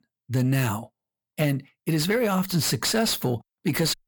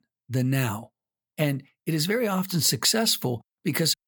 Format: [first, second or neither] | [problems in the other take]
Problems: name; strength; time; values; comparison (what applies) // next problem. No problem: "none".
second | distortion; slight; 10 dB below the speech